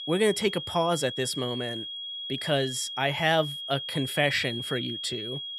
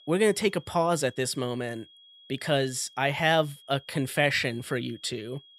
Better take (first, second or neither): second